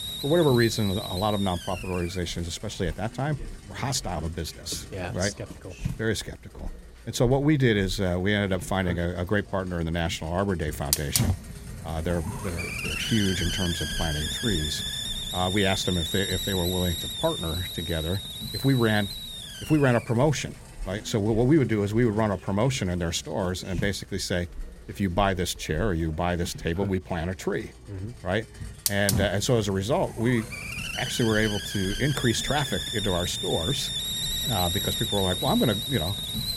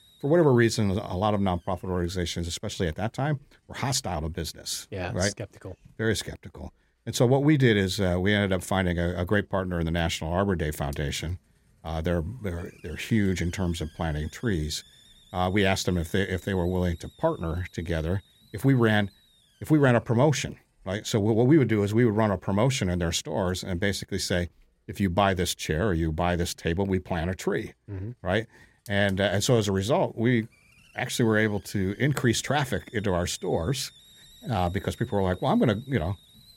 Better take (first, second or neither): second